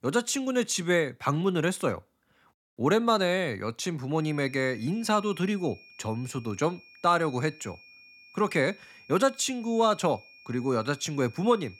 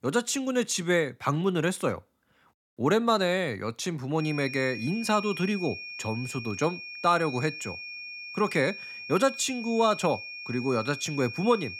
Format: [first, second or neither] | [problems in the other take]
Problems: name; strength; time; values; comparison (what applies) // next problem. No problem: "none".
first | high-pitched whine; loud; from 4 s on; 2.5 kHz, 10 dB below the speech; faint in the first